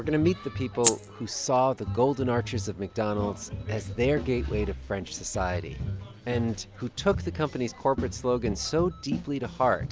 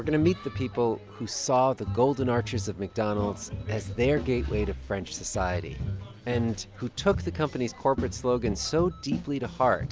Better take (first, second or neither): second